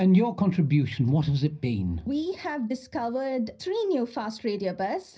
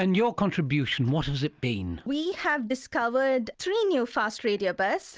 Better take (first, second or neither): second